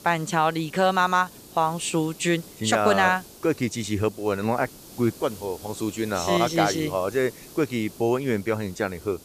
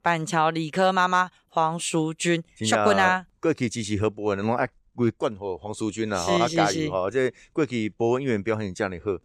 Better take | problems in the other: second | hiss; noticeable; throughout; 20 dB below the speech

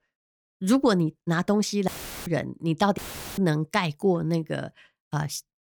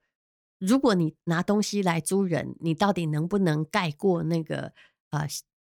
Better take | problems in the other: second | audio cutting out; filled with static; at 2 s and at 3 s

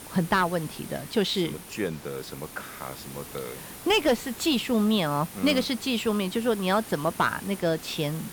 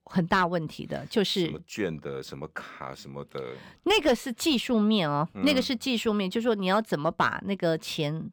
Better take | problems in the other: second | hiss; noticeable; throughout; 15 dB below the speech

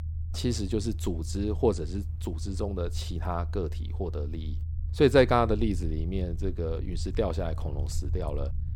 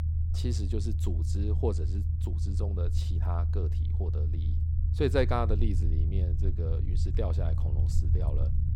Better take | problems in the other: first | low rumble; loud; throughout; 8 dB below the speech; faint in the first

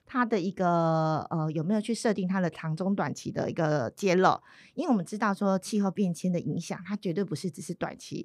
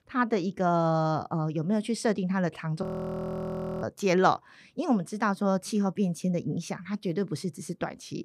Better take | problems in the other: first | audio freezing; at 3 s for 1 s

